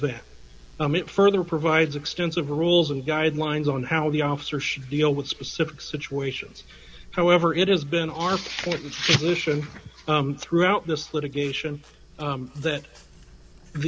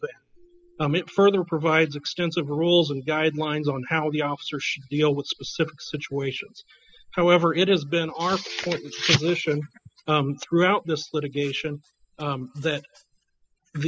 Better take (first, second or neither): first